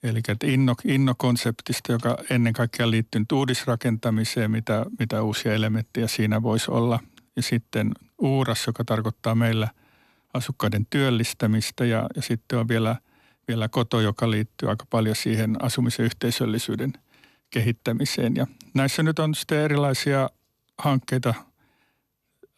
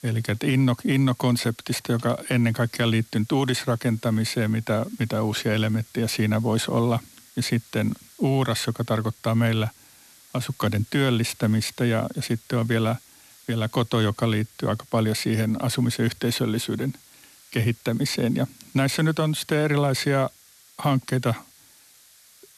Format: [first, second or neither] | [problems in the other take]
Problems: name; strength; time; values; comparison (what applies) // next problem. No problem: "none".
first | hiss; faint; throughout; 25 dB below the speech